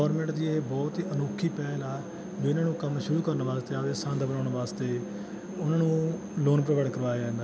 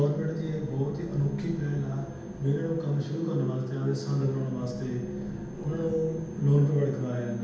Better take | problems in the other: first | background sound (Sliding door); 16 dB below the speech // room echo; dies away in 0.8 s

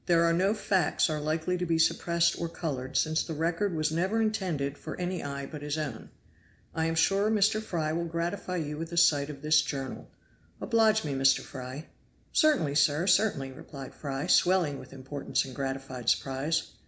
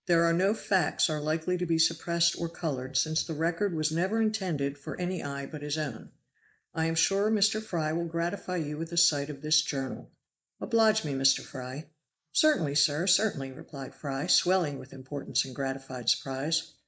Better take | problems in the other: first | noise reduction (neural mask model Resemble Enhance denoiser)

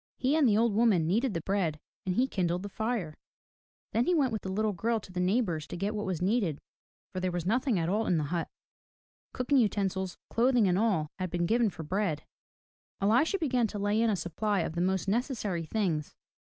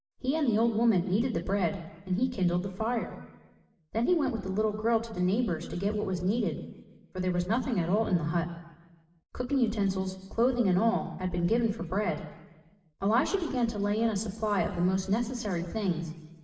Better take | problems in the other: first | room echo; dies away in 1.2 s

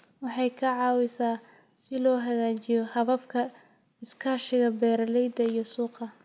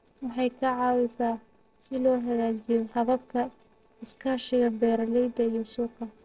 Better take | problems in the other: first | noise reduction (neural separator model SepFormer DNS4)

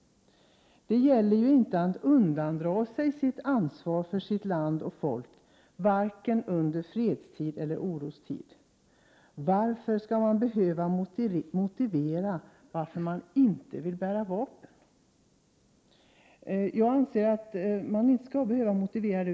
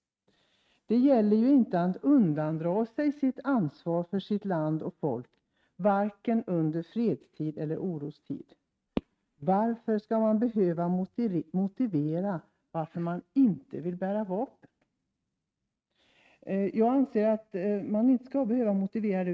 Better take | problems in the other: first | noise reduction (neural mask model RNNoise)

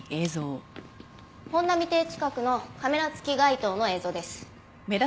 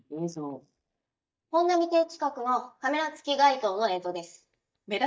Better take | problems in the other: first | noise reduction (neural mask model DeepFilterNet 3)

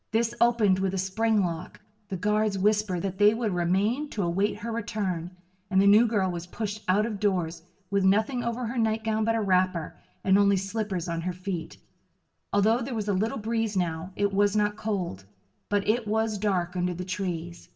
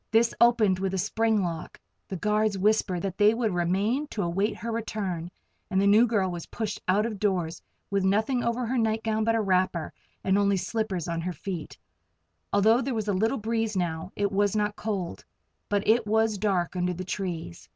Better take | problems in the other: second | room echo; dies away in 0.6 s

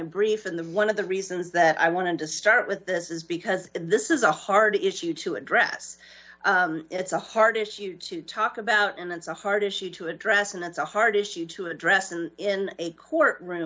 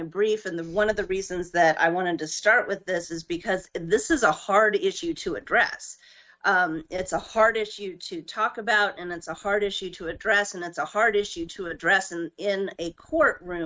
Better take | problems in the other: first | noise reduction (neural mask model RNNoise)

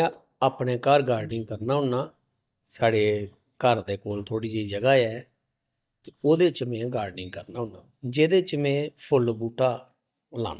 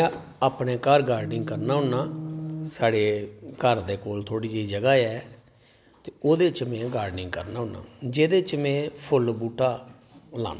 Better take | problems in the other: second | noise reduction (neural mask model DeepFilterNet 3)

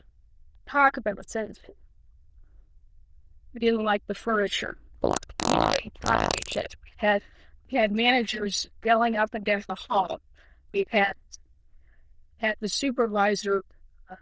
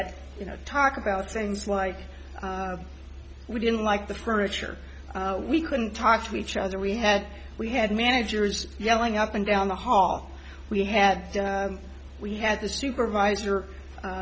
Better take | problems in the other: second | noise reduction (neural diffusion model UNIVERSE++)

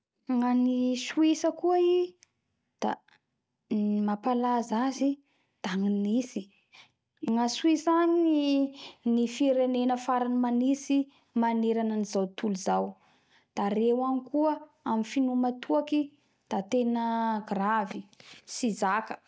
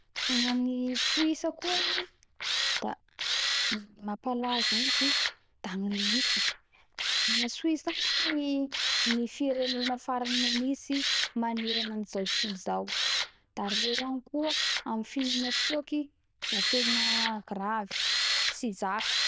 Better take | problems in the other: first | noise reduction (neural diffusion model UNIVERSE++)

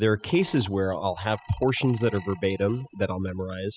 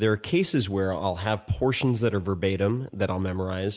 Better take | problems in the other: second | noise reduction (classical method spectral subtraction)

